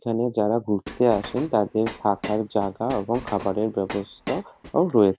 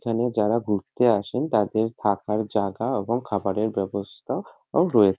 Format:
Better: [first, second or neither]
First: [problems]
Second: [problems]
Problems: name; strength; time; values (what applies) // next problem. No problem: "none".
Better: second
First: background sound (Train); 15 dB below the speech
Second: none